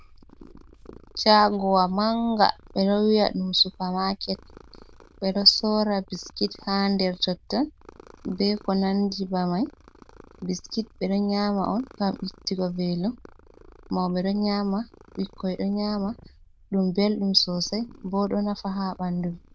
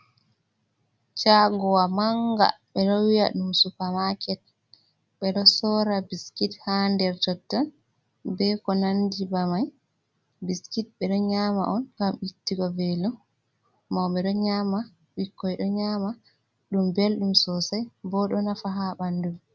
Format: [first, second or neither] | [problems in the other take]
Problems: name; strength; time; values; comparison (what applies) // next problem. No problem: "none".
second | noise reduction (neural diffusion model UNIVERSE++)